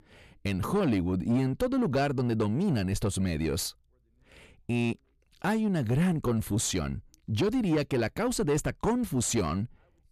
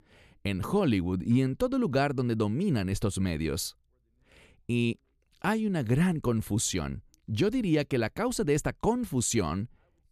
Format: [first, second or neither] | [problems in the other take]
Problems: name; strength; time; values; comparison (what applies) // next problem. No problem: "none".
second | distortion; slight; 10 dB below the speech